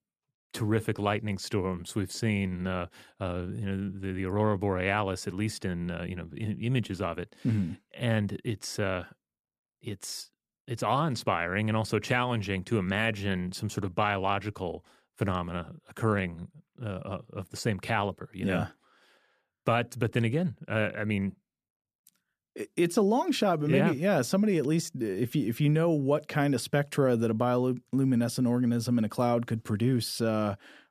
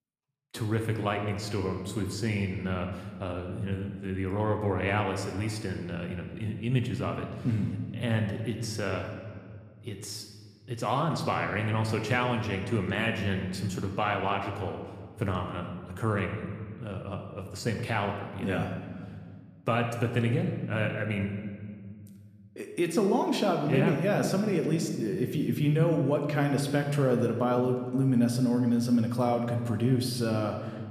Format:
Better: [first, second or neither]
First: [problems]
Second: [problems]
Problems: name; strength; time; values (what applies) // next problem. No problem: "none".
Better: first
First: none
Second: room echo; slight; dies away in 1.5 s